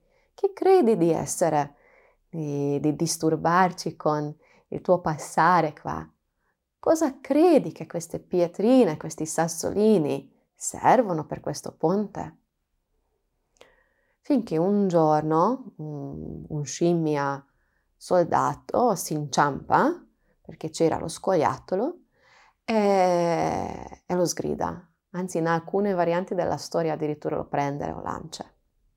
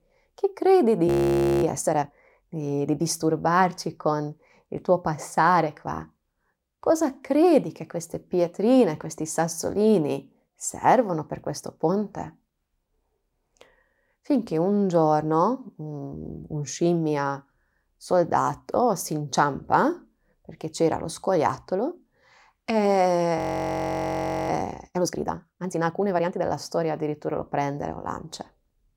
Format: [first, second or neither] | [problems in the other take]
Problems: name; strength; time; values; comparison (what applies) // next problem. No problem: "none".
first | audio freezing; at 1 s for 0.5 s and at 23 s for 1 s